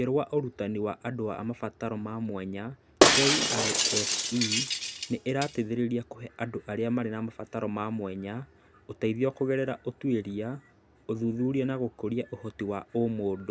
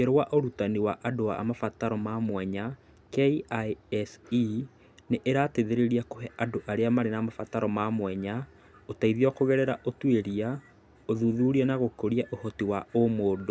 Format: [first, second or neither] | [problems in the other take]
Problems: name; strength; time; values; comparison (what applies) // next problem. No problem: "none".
second | background sound (Shatter); 4 dB above the speech